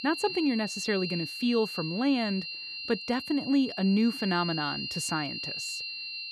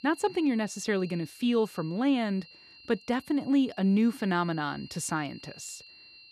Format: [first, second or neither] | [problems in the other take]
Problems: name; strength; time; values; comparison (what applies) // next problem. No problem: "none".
second | high-pitched whine; loud; throughout; 4 kHz, 5 dB below the speech; faint in the second